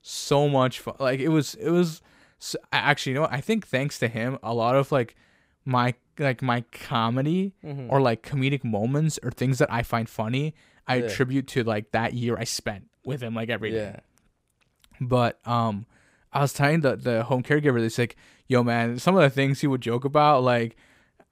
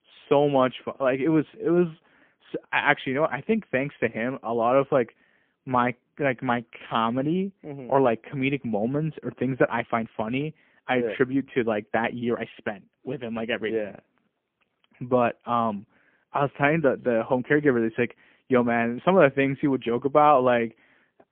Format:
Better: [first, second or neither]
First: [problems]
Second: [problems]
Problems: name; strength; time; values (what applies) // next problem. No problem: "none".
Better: first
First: none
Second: phone-call audio; poor line; nothing above 3.5 kHz